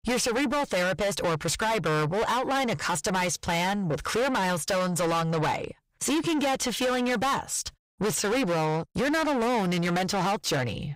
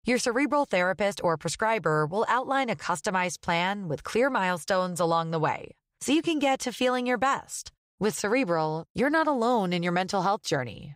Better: second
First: distortion; heavy; 6 dB below the speech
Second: none

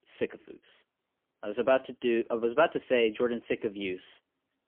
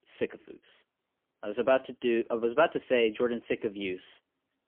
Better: neither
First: phone-call audio; poor line; nothing above 3 kHz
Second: phone-call audio; poor line; nothing above 3 kHz

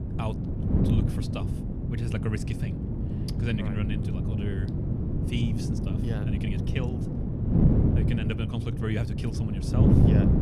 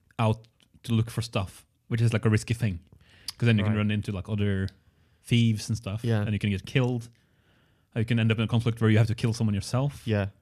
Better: second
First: wind noise on the microphone; heavy; 3 dB above the speech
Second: none

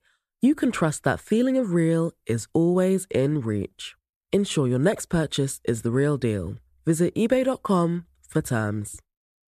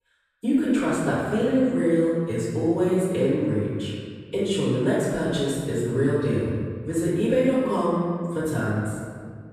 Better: first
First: none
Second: off-mic speech; far // room echo; strong; dies away in 1.8 s

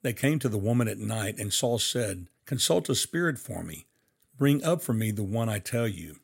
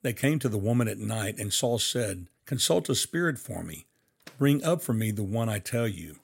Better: first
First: none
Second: household noises; faint; throughout; 25 dB below the speech

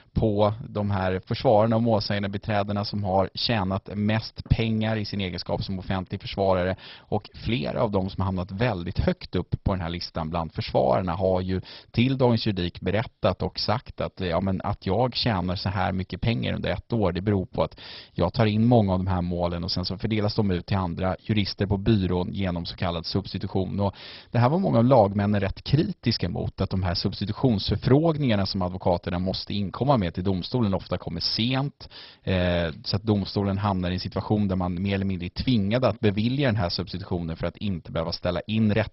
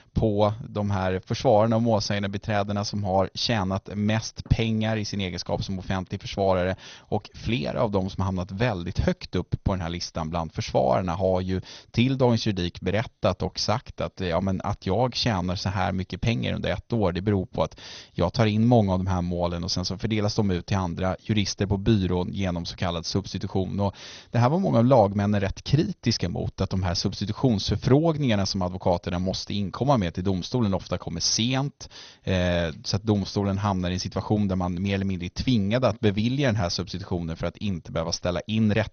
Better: second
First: garbled, watery; badly; nothing above 5.5 kHz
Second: garbled, watery; slightly; nothing above 6.5 kHz

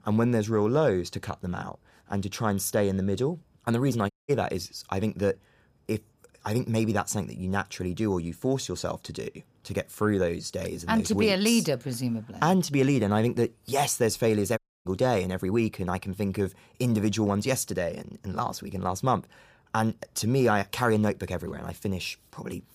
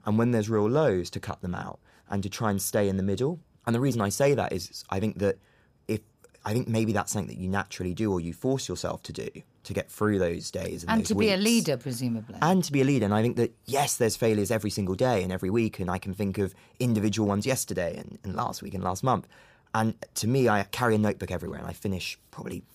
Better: second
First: audio cutting out; at 4 s and at 15 s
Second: none

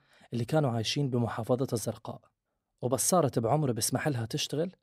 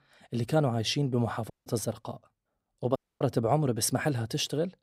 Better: first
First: none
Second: audio cutting out; at 1.5 s and at 3 s

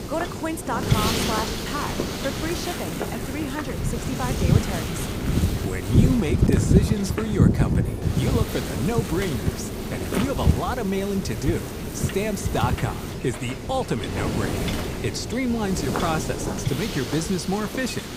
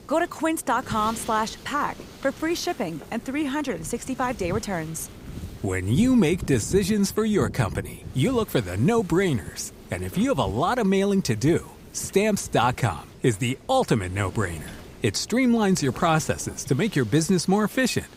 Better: second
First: wind noise on the microphone; heavy; 1 dB below the speech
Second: wind noise on the microphone; occasional gusts; 20 dB below the speech

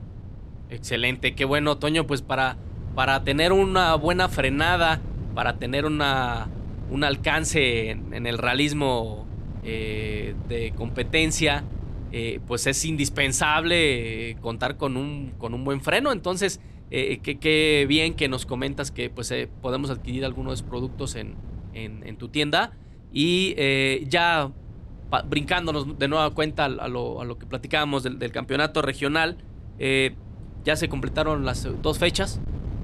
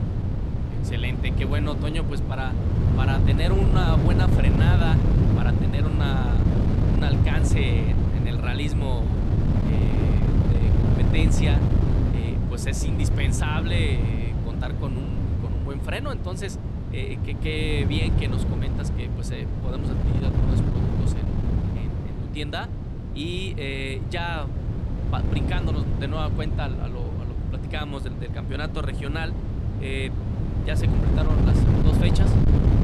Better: first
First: wind noise on the microphone; occasional gusts; 25 dB below the speech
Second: wind noise on the microphone; heavy; 1 dB below the speech

